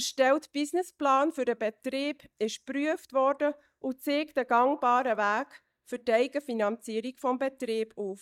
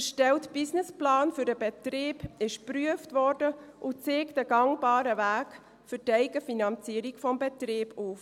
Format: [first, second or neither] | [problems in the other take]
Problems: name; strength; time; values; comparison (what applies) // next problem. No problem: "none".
second | noise reduction (neural mask model DeepFilterNet 3)